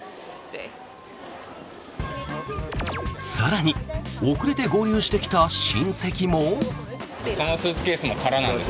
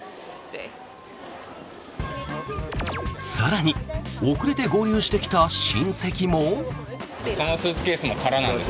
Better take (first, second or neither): second